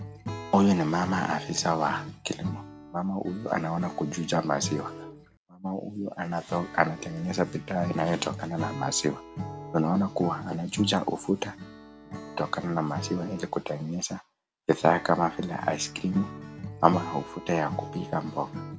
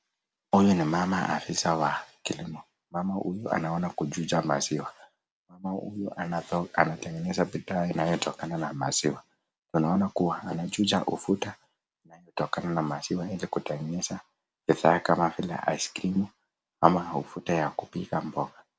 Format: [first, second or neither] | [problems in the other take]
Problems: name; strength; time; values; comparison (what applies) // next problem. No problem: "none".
second | background sound (Acoustic guitar / Strum); 11 dB below the speech